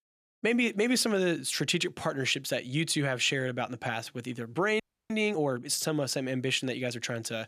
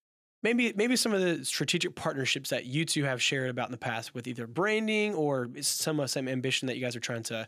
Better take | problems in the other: second | audio freezing; at 5 s

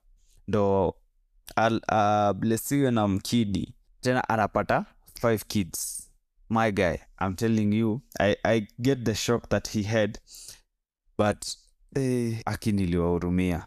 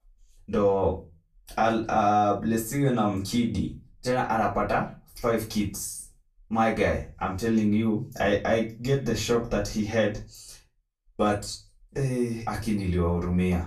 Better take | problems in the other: first | off-mic speech; far // room echo; very slight; dies away in 0.3 s

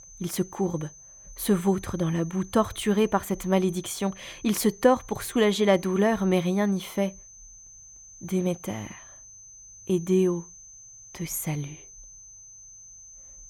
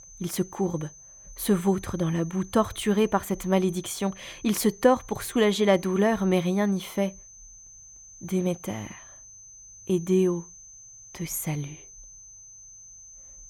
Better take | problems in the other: neither | high-pitched whine; noticeable; throughout; 6 kHz, 20 dB below the speech; the same in both

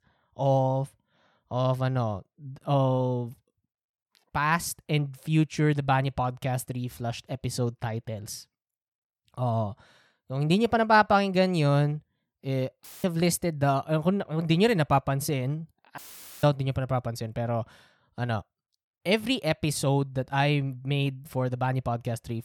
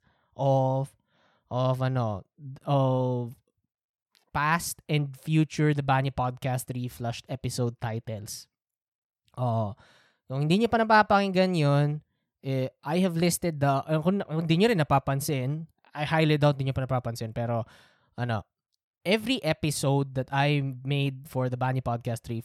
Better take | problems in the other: second | audio cutting out; filled with static; at 13 s and at 16 s

